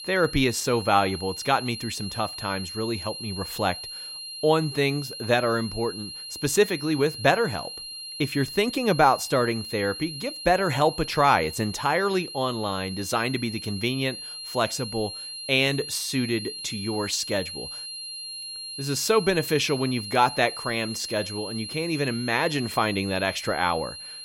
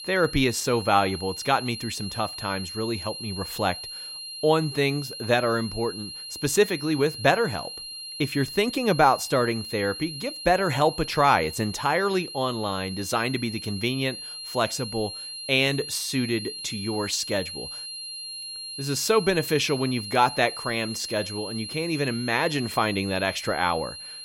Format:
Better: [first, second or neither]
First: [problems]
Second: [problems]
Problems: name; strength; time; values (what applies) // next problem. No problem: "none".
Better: neither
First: high-pitched whine; loud; throughout; 4 kHz, 9 dB below the speech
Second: high-pitched whine; loud; throughout; 4 kHz, 9 dB below the speech